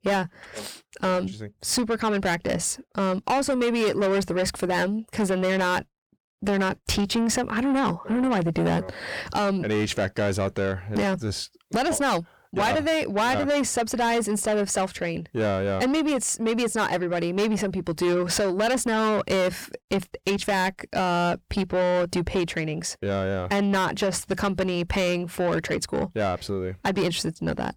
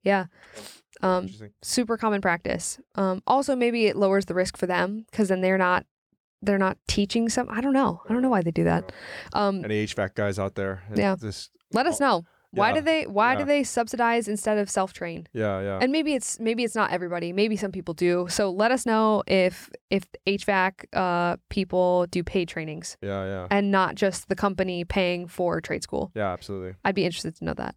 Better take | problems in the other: second | distortion; heavy; 7 dB below the speech

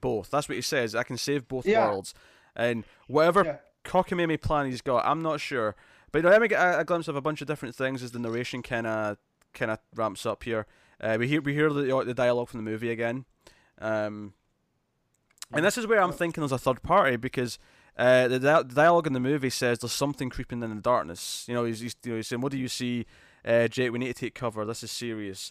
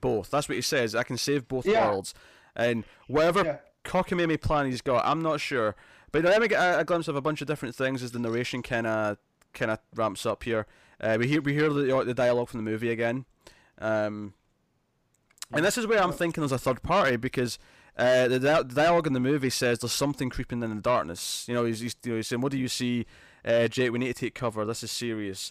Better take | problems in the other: first | distortion; slight; 10 dB below the speech

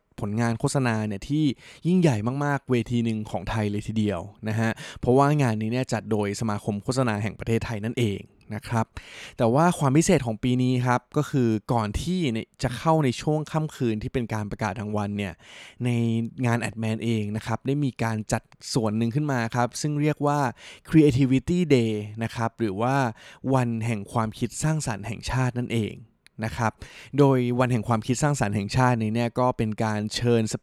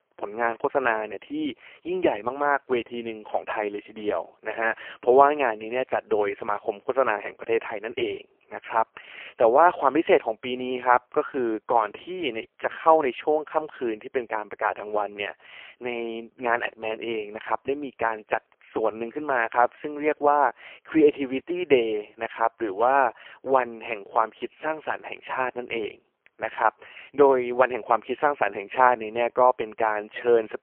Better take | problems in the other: first | phone-call audio; poor line; nothing above 3 kHz

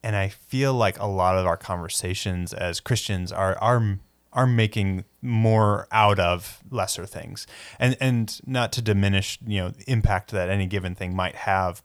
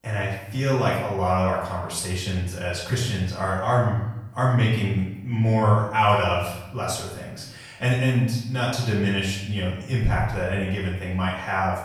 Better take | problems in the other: first | off-mic speech; far // room echo; noticeable; dies away in 0.8 s

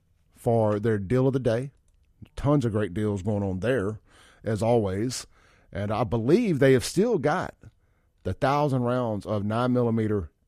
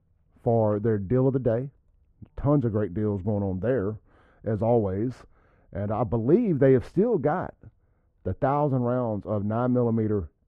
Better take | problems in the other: first | muffled; very; fading above 2.5 kHz

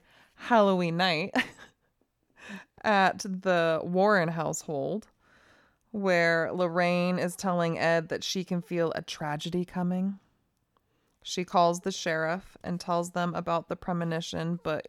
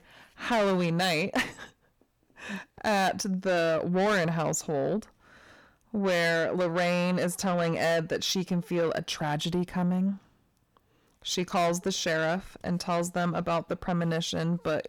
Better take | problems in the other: first | distortion; heavy; 7 dB below the speech

